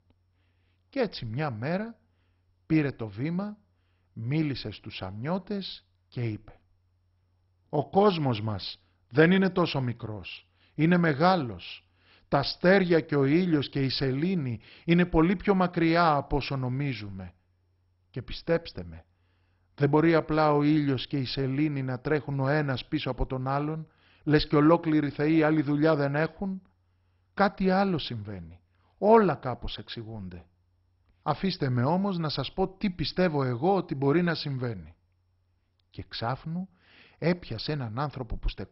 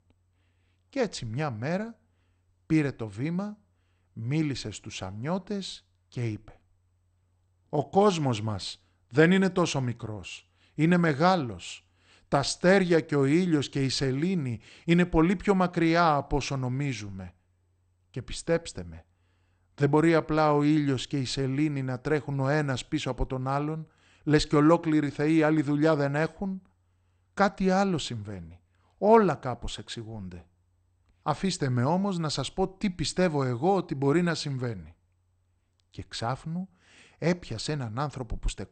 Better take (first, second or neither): second